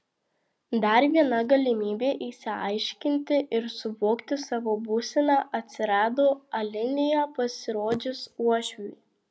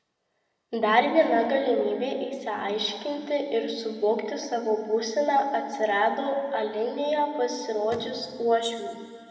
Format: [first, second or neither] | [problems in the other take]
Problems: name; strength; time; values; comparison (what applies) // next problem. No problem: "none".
first | room echo; dies away in 2 s